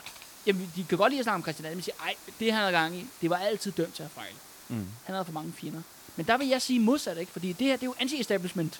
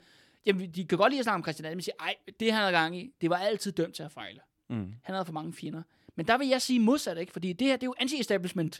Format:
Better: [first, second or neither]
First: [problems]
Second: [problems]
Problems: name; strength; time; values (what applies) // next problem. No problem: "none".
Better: second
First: hiss; noticeable; throughout; 15 dB below the speech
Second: none